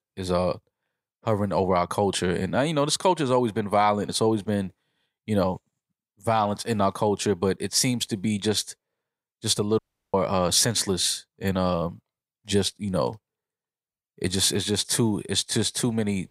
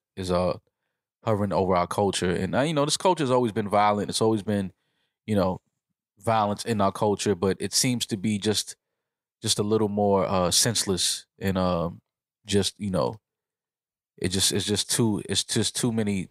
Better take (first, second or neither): second